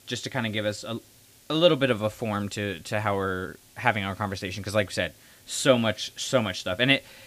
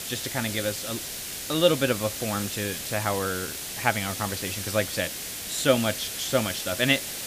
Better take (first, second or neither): first